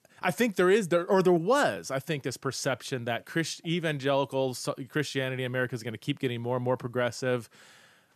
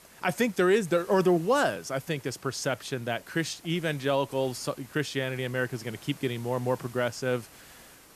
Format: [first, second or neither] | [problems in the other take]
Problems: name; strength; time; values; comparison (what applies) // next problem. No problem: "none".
first | hiss; faint; throughout; 20 dB below the speech